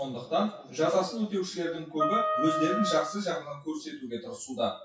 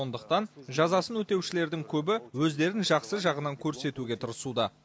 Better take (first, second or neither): second